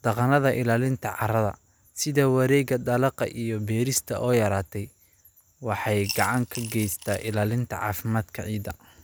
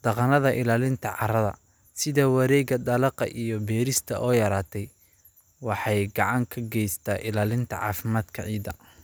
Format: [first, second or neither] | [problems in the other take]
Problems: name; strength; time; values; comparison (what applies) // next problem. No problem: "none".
second | background sound (Coin (dropping) / Glass); 13 dB below the speech